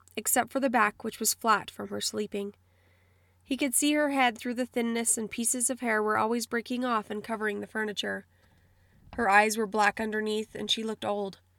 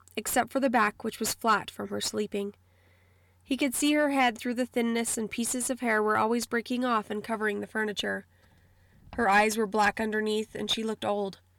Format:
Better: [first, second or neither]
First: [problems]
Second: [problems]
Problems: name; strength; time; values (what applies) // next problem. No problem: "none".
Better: first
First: none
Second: distortion; slight; 10 dB below the speech